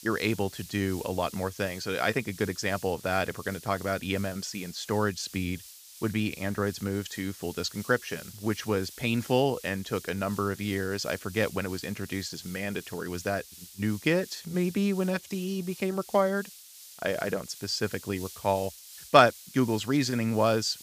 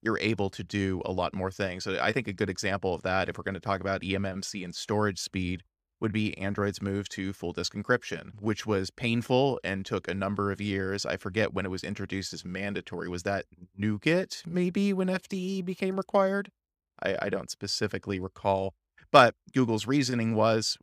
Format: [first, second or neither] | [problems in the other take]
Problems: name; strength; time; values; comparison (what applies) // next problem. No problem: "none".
second | hiss; noticeable; throughout; 15 dB below the speech